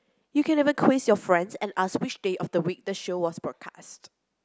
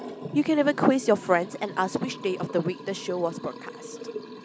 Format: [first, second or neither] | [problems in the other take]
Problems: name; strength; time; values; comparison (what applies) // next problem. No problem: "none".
first | background sound (Liquid); 13 dB below the speech